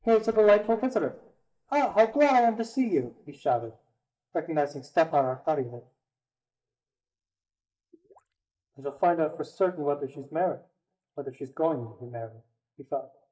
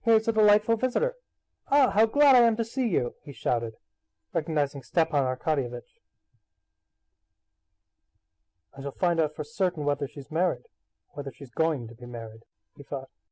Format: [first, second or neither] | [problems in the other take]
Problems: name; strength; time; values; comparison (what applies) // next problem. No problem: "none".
second | noise reduction (neural mask model DeepFilterNet 3)